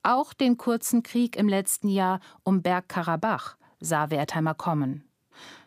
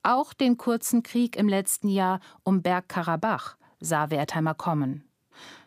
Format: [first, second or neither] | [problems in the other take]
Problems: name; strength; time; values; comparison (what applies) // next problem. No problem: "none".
neither | none